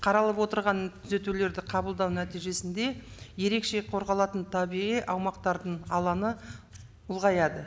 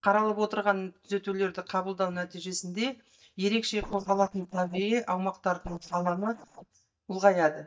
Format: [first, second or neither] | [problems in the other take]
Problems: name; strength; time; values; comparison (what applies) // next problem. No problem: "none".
first | noise reduction (neural mask model DeepFilterNet 3)